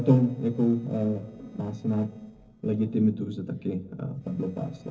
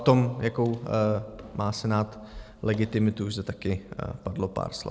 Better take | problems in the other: second | noise reduction (neural separator model SepFormer DNS4)

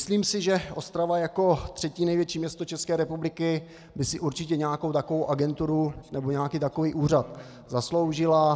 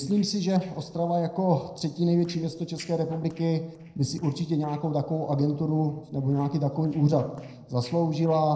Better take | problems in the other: first | noise reduction (neural separator model SepFormer DNS4)

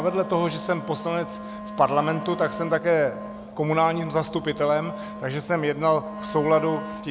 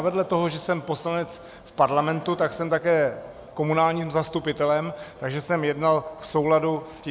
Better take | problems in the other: second | background sound (Wind instrument, woodwind instrument); 12 dB below the speech

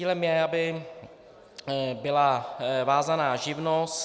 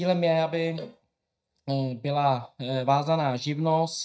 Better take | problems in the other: first | noise reduction (neural mask model DeepFilterNet 3)

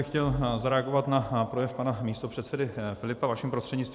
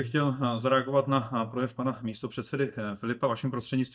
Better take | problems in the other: first | noise reduction (neural mask model DeepFilterNet 3)

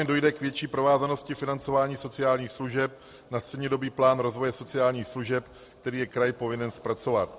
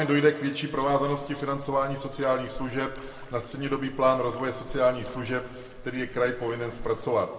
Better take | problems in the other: first | background sound (Splash, splatter); 14 dB below the speech // room echo; dies away in 1.6 s

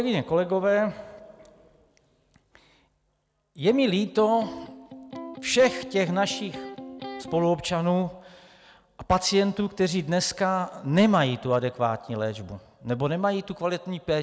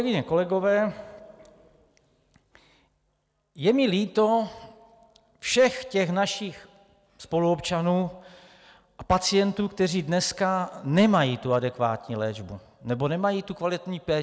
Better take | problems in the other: second | background sound (Electric guitar); 13 dB below the speech

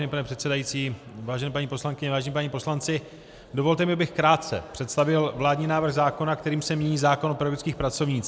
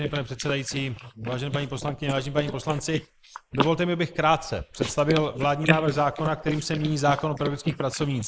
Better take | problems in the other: first | noise reduction (neural mask model Resemble Enhance denoiser)

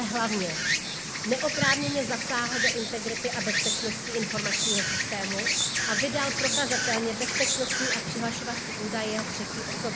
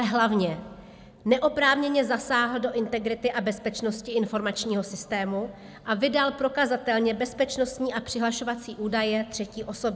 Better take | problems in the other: second | background sound (Insect); 3 dB above the speech

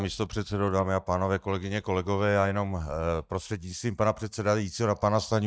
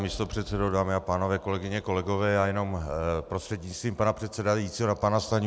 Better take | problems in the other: second | noise reduction (neural mask model DeepFilterNet 3)

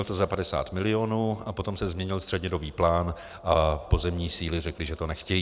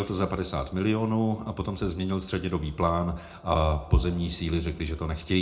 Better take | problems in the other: first | room echo; dies away in 0.3 s

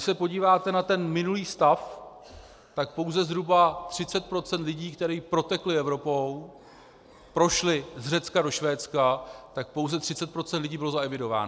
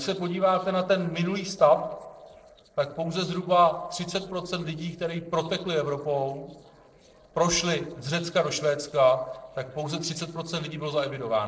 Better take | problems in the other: first | noise reduction (neural separator model SepFormer DNS4)

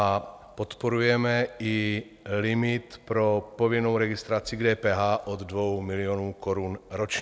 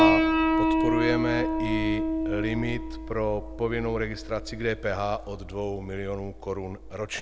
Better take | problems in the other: first | background sound (Piano); 3 dB above the speech

